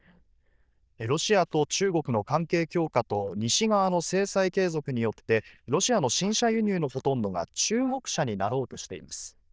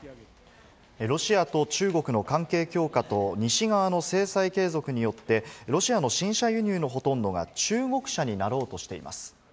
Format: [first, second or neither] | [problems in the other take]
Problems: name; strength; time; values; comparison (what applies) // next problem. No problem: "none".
second | noise reduction (neural diffusion model UNIVERSE++)